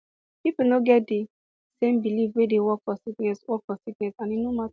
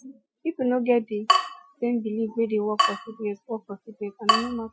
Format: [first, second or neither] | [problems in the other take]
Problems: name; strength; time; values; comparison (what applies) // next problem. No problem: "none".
first | noise reduction (classical method Wiener filter)